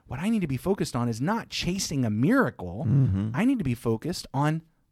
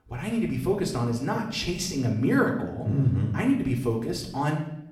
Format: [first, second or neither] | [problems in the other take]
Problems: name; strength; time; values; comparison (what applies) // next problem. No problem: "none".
first | room echo; slight; dies away in 0.7 s // off-mic speech; far